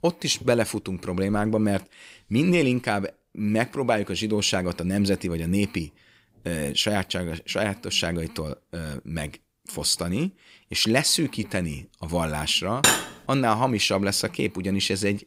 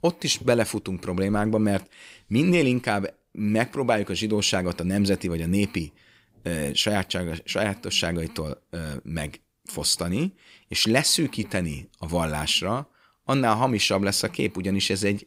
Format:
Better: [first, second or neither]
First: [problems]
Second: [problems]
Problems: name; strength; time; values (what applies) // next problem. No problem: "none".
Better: second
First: clattering dishes; loud; at 13 s; peak 5 dB above the speech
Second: none